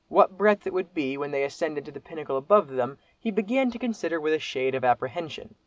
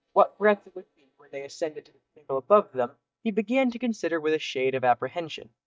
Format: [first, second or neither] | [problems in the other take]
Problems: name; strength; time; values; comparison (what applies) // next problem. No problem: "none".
first | noise reduction (neural mask model DeepFilterNet 3)